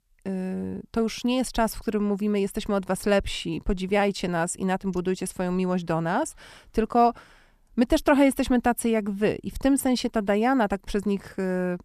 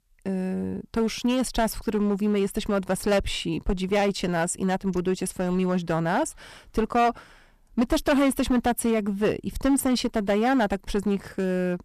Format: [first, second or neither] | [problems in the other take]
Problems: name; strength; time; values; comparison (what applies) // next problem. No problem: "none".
first | distortion; slight; 7% of the sound clipped